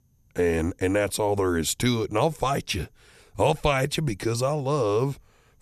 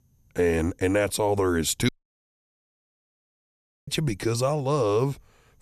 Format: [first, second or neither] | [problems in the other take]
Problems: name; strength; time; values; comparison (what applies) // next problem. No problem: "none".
first | audio cutting out; at 2 s for 2 s